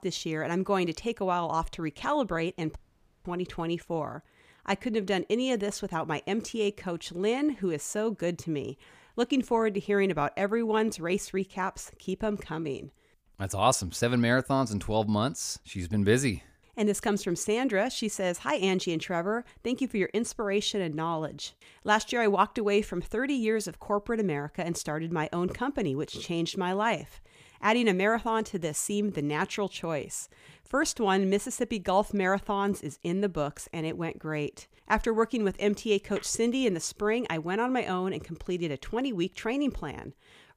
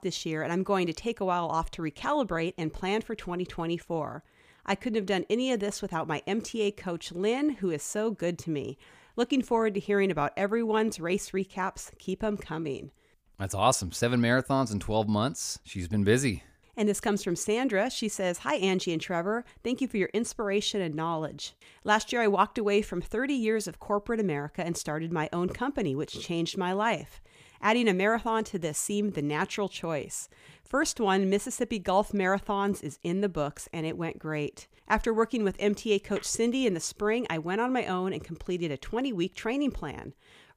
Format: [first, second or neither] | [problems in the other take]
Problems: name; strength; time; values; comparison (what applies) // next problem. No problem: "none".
second | audio cutting out; at 3 s